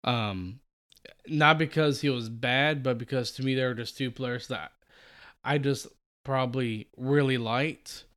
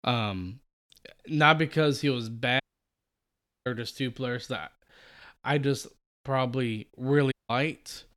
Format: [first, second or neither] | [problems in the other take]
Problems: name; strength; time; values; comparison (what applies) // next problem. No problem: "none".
first | audio cutting out; at 2.5 s for 1 s and at 7.5 s